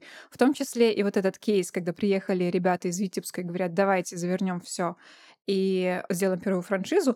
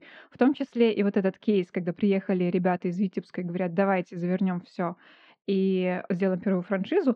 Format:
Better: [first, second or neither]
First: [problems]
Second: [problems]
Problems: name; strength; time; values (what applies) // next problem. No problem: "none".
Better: first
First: none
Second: muffled; very; fading above 3 kHz